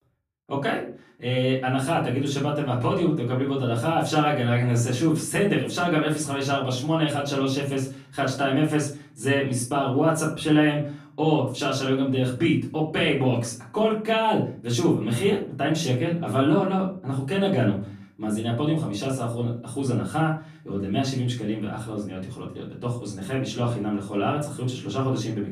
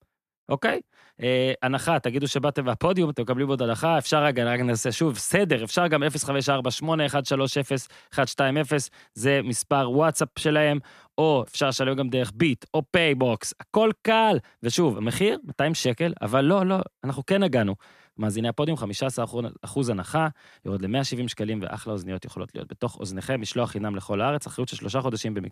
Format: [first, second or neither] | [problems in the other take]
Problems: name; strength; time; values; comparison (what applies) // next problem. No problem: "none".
second | off-mic speech; far // room echo; slight; dies away in 0.4 s